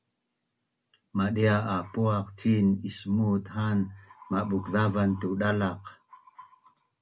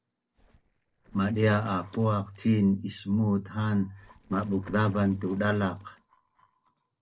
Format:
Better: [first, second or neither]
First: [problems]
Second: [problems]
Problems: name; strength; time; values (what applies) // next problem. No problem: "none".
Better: first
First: none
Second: noise reduction (neural separator model SepFormer DNS4)